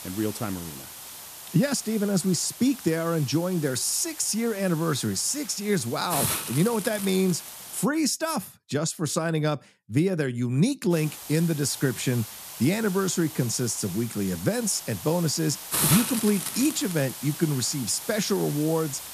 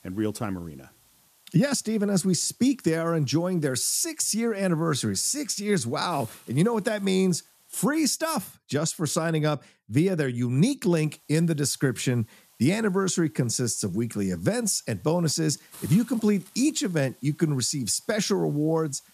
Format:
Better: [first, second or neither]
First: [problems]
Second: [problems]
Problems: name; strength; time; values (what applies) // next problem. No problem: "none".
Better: second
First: hiss; loud; until 8 s and from 11 s on; 7 dB below the speech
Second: hiss; faint; until 8 s and from 11 s on; 25 dB below the speech